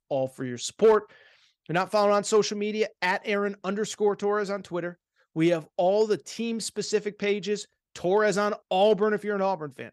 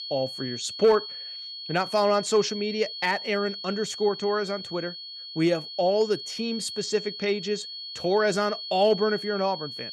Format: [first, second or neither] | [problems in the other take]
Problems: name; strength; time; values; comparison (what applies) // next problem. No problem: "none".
first | high-pitched whine; loud; throughout; 4.5 kHz, 9 dB below the speech